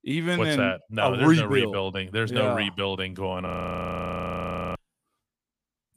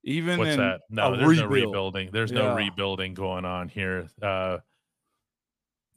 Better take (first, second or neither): second